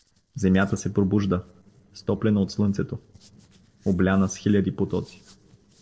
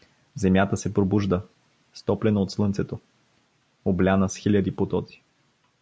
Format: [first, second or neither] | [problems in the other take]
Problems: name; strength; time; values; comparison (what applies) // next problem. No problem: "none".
second | noise reduction (neural separator model SepFormer DNS4)